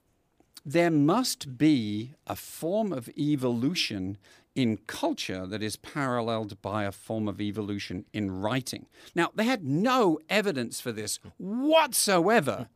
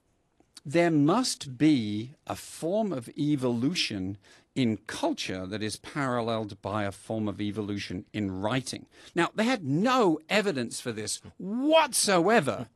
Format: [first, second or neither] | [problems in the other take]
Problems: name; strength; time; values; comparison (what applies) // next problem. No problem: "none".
first | garbled, watery; slightly; nothing above 11.5 kHz